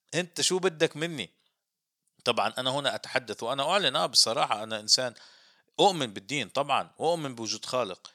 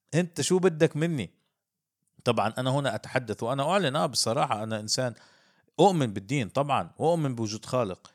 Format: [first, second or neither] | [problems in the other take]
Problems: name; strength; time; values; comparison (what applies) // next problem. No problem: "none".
second | thin; somewhat; fading below 550 Hz